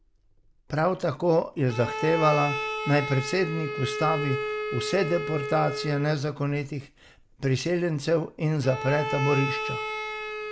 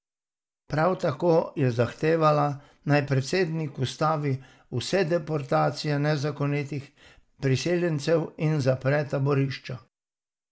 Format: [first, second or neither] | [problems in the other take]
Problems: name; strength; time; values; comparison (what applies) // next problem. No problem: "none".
second | background sound (Bowed string instrument); 7 dB below the speech